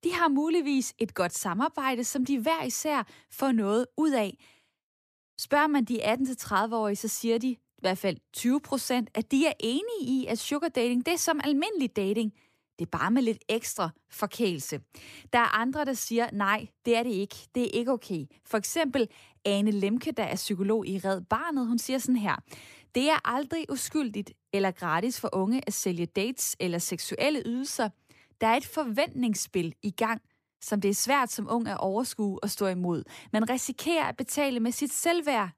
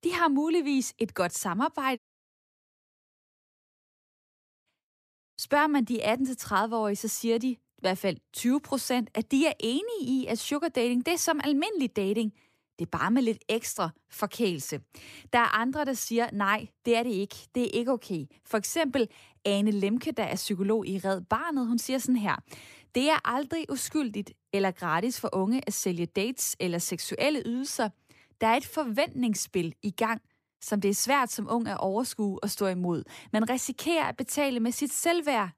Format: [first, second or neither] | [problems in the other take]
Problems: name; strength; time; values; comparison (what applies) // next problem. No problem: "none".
first | audio cutting out; at 2 s for 2.5 s